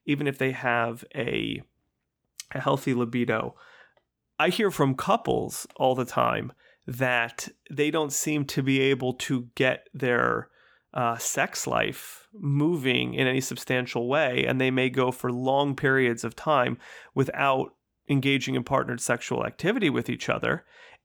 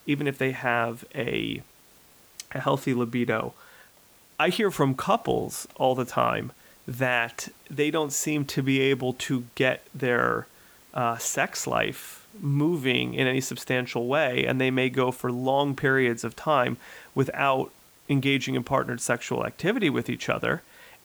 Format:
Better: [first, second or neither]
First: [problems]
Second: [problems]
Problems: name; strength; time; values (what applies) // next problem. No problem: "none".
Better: first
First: none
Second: hiss; faint; throughout; 25 dB below the speech